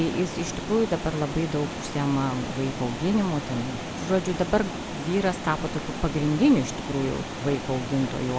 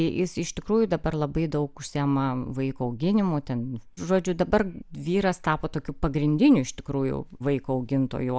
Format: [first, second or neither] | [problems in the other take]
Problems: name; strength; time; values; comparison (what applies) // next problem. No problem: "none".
second | background sound (Water); 7 dB below the speech